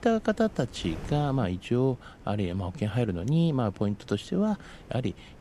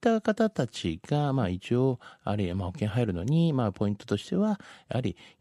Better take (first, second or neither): second